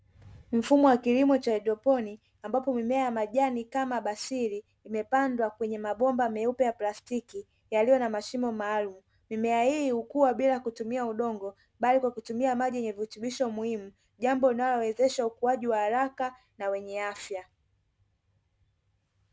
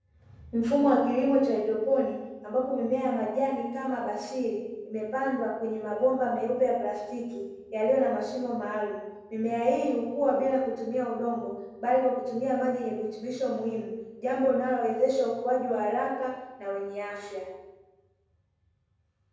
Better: first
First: none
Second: room echo; dies away in 1.1 s

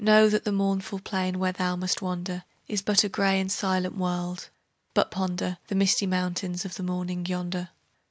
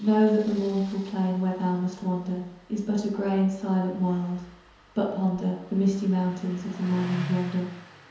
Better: first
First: none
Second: background sound (Engine starting); 18 dB below the speech // room echo; dies away in 0.9 s

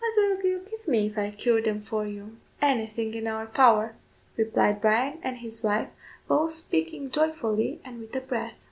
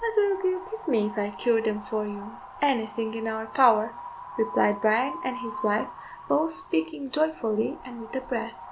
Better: first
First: none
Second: background sound (Wind); 14 dB below the speech

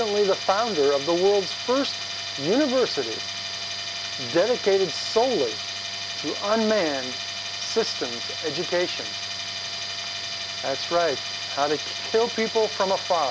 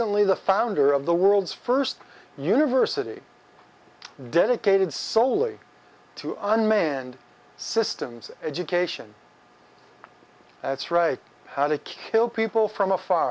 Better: second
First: background sound (Tools); 6 dB below the speech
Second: none

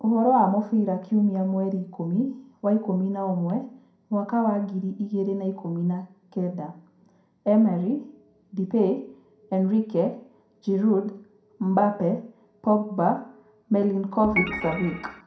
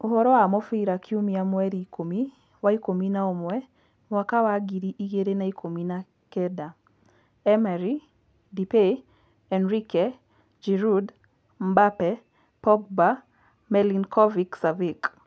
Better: second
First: background sound (Organ); 5 dB below the speech // room echo; dies away in 0.4 s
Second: none

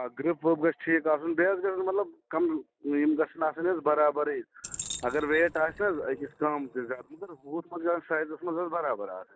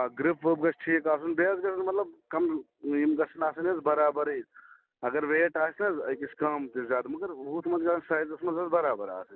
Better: second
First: noise reduction (neural mask model DeepFilterNet 3)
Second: none

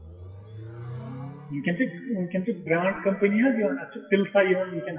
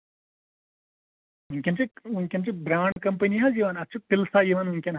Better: second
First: noise reduction (classical method WPE with log-MMSE)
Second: none

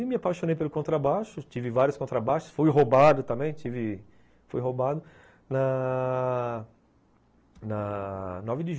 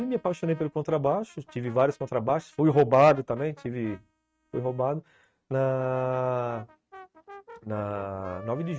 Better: first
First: none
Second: noise reduction (neural mask model RNNoise)

